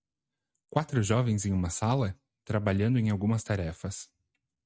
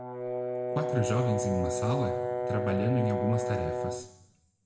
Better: first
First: none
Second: background sound (Brass instrument); as loud as the speech // room echo; dies away in 0.9 s

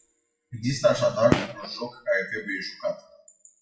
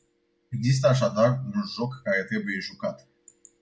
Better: second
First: noise reduction (classical method WPE with log-MMSE)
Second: none

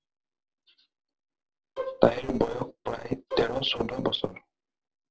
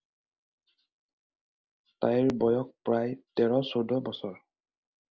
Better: second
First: noise reduction (neural separator model SepFormer DNS4)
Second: none

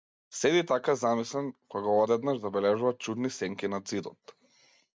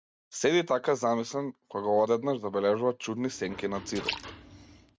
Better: first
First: none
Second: background sound (Liquid); 12 dB below the speech

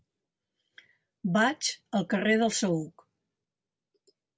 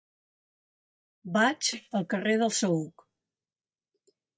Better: first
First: none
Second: noise reduction (neural mask model DeepFilterNet 3)

